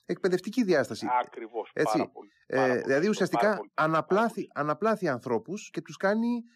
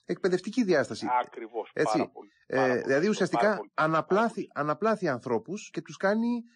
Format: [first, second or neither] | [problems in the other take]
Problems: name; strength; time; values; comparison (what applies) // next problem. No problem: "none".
first | garbled, watery; slightly; nothing above 8.5 kHz